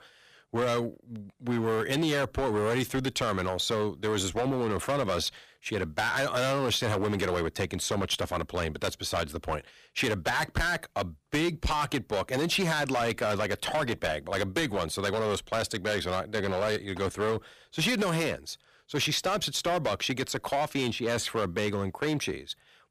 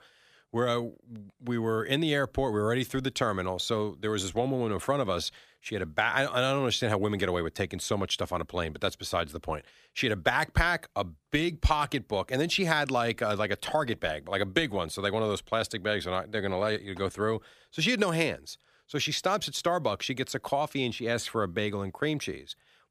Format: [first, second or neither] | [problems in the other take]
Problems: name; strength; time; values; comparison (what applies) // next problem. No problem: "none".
second | distortion; heavy; 12% of the sound clipped